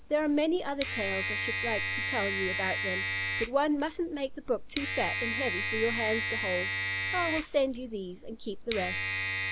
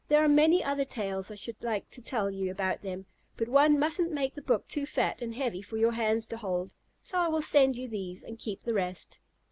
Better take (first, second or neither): second